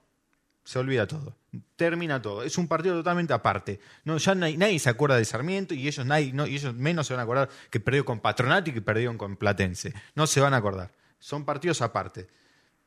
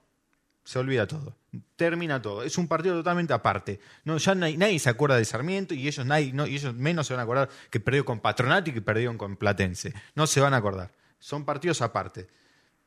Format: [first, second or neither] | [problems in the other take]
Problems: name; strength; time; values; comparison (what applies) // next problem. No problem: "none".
neither | none